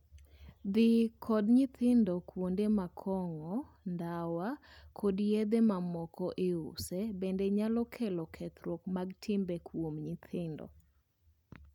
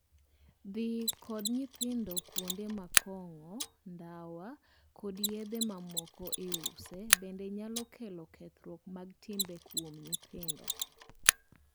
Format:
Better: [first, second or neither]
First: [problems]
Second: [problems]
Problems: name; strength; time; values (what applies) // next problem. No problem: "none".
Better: first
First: none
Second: background sound (Mechanisms); 4 dB above the speech